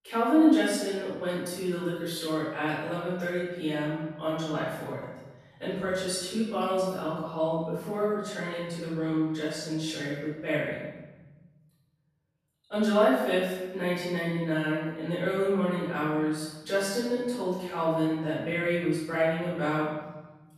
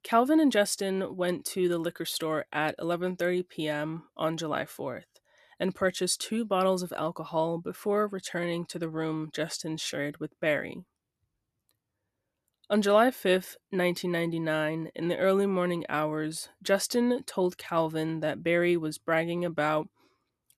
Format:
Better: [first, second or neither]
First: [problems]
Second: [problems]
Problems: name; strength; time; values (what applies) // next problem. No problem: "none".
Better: second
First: room echo; strong; dies away in 1.3 s // off-mic speech; far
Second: none